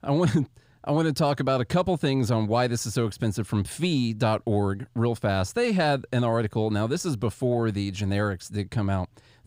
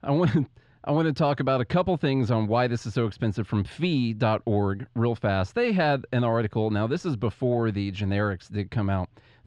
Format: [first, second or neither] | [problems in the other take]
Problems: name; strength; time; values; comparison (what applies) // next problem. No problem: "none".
first | muffled; very slightly; fading above 3 kHz